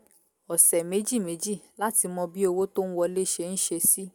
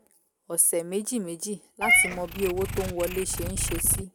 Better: first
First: none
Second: background sound (Meow / Purr); 2 dB below the speech

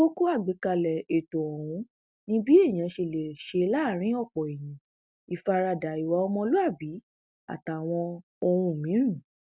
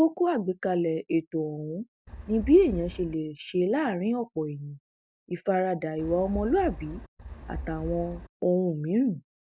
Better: first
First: none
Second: noise reduction (neural mask model DeepFilterNet 3)

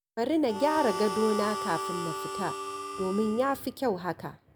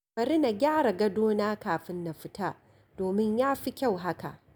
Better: second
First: background sound (Harmonica); 6 dB below the speech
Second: none

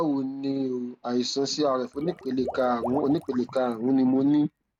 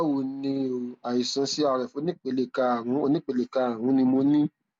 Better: second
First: background sound (Water / Liquid); 15 dB below the speech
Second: none

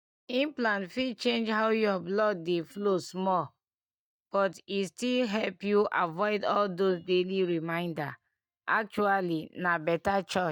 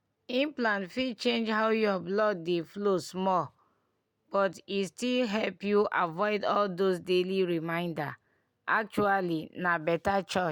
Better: second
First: noise reduction (neural mask model DeepFilterNet 3)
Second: none

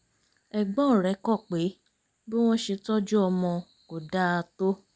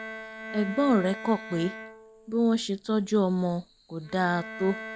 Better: first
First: none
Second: background sound (Bowed string instrument); 14 dB below the speech

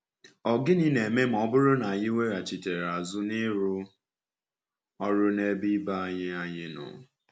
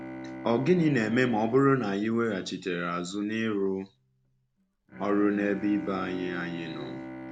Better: first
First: none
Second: background sound (Bowed string instrument); 14 dB below the speech

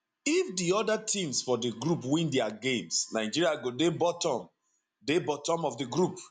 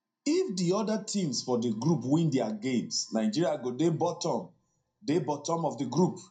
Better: first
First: none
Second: room echo; dies away in 0.2 s

